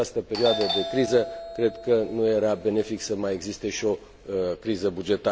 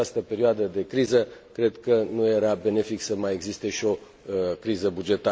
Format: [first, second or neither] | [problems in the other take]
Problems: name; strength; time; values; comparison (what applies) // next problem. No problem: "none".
second | background sound (Doorbell); 11 dB below the speech